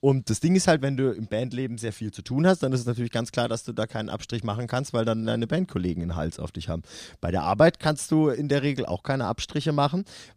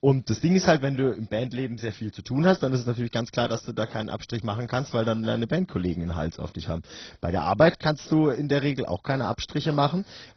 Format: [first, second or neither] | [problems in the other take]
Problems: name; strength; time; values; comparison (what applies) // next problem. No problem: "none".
first | garbled, watery; badly; nothing above 6 kHz